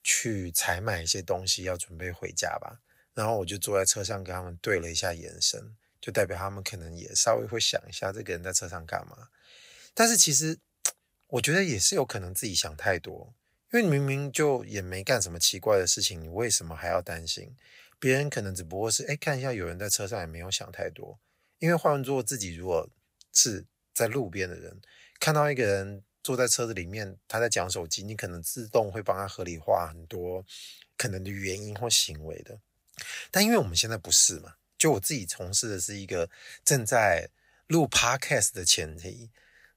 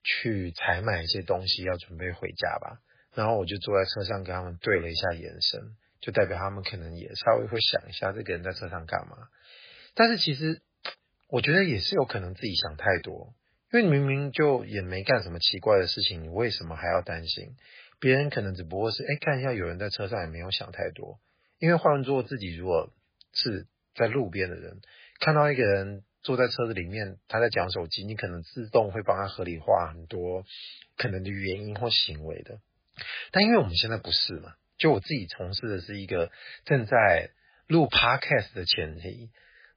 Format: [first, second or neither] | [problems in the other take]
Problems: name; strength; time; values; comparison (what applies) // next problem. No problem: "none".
first | garbled, watery; badly; nothing above 4.5 kHz